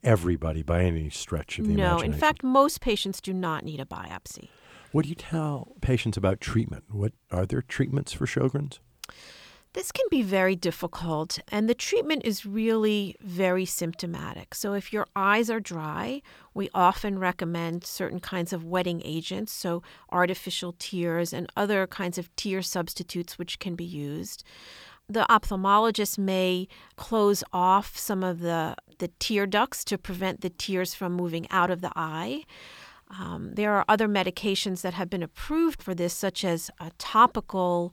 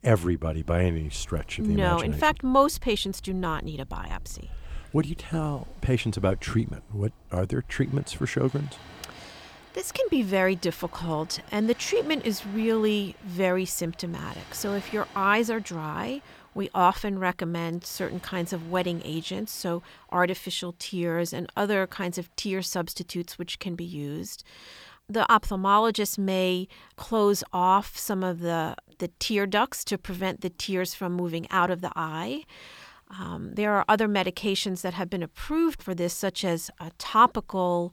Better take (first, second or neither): first